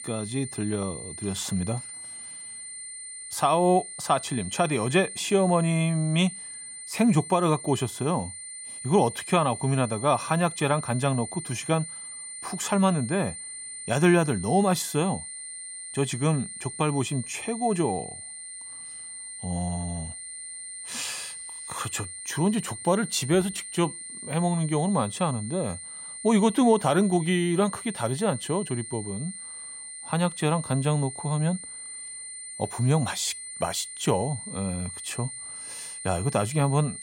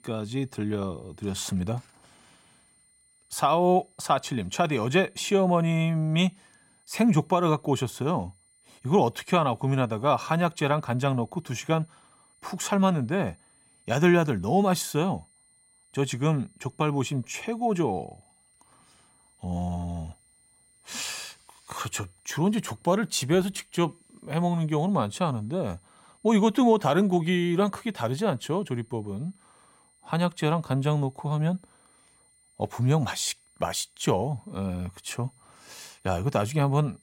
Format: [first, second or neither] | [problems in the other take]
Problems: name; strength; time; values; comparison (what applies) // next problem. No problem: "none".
second | high-pitched whine; loud; throughout; 9 kHz, 10 dB below the speech; faint in the second